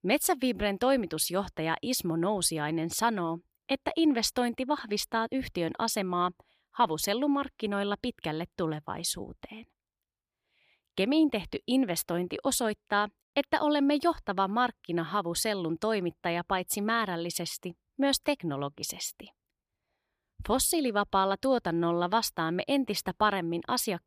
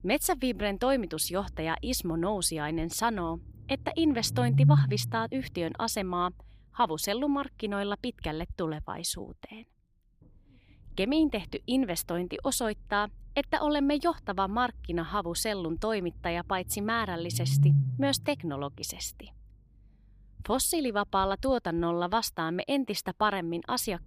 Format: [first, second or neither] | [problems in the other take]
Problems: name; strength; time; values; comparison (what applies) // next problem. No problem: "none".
first | low rumble; loud; throughout; 8 dB below the speech